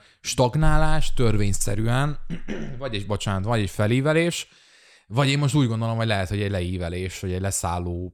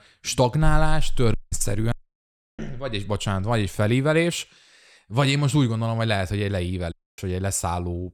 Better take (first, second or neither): first